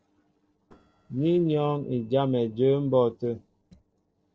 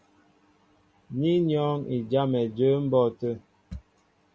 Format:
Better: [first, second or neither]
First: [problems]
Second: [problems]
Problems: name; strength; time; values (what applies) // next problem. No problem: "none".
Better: second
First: noise reduction (neural separator model SepFormer DNS4)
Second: none